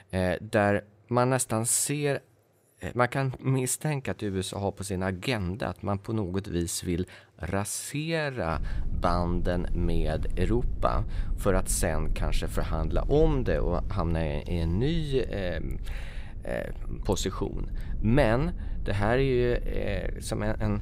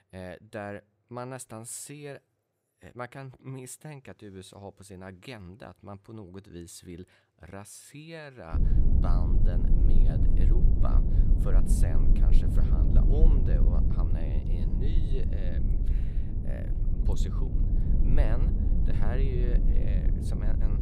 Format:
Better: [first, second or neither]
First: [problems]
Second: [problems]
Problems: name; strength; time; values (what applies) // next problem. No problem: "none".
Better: first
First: low rumble; faint; from 8.5 s on; 20 dB below the speech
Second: low rumble; loud; from 8.5 s on; as loud as the speech